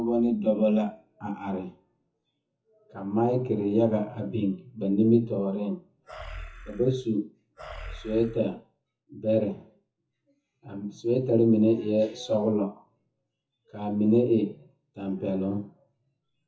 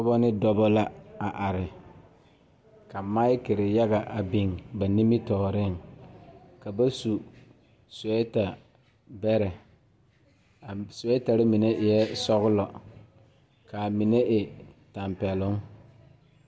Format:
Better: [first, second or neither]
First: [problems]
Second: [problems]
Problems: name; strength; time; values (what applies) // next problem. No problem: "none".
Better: second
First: noise reduction (classical method WPE with log-MMSE)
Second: none